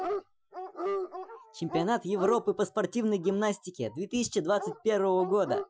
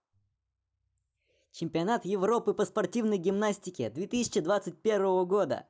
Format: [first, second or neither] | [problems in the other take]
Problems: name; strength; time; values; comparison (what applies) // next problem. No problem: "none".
second | noise reduction (classical method Wiener filter)